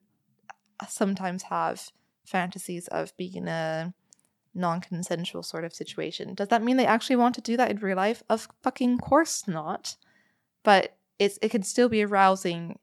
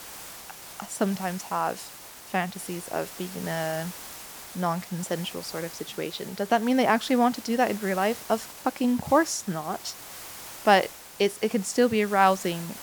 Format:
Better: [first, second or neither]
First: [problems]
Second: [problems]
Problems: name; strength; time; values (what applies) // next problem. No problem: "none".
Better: first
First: none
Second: hiss; noticeable; throughout; 15 dB below the speech